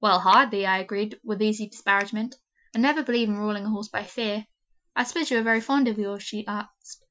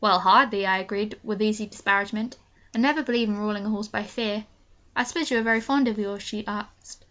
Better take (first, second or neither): second